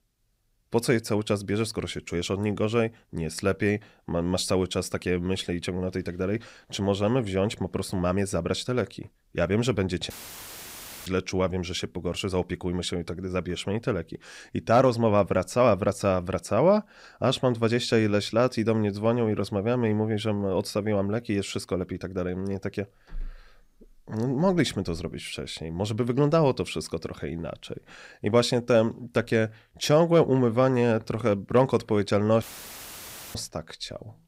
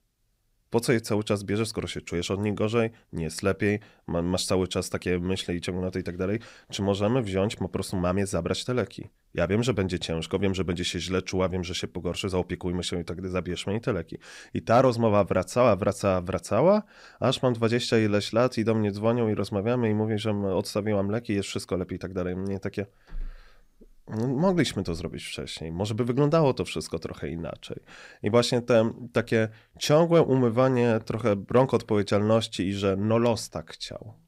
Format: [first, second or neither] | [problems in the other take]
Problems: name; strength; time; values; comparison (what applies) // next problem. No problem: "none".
second | audio cutting out; filled with static; at 10 s for 1 s and at 32 s for 1 s